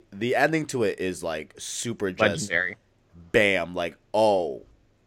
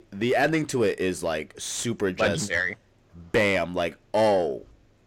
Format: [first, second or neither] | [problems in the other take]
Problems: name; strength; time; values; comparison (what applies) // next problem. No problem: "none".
first | distortion; slight; 10 dB below the speech